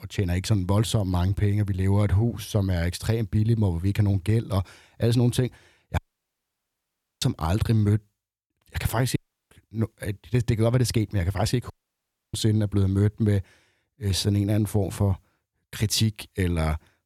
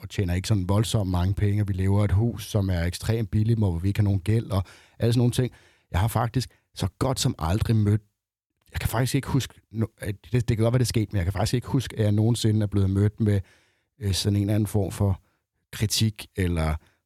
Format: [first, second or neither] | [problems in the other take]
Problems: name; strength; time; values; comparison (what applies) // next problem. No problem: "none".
second | audio cutting out; at 6 s for 1 s, at 9 s and at 12 s for 0.5 s